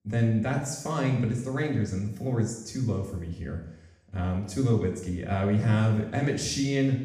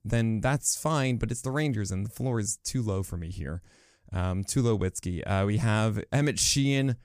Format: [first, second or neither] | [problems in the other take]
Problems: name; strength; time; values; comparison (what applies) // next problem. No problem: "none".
second | room echo; noticeable; dies away in 0.8 s // off-mic speech; far